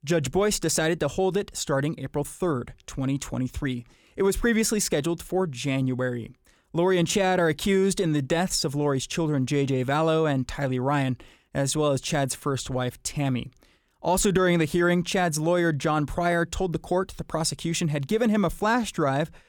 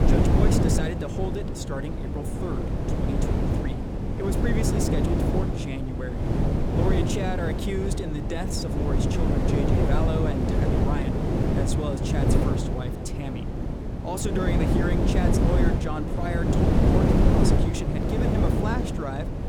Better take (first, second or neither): first